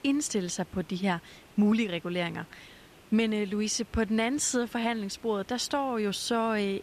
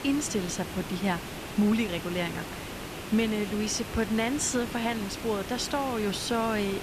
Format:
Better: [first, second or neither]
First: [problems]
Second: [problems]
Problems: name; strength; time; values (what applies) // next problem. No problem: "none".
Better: first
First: hiss; faint; throughout; 25 dB below the speech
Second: hiss; loud; throughout; 8 dB below the speech